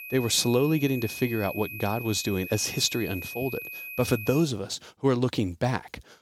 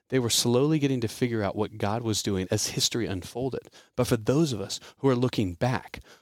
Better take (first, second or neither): second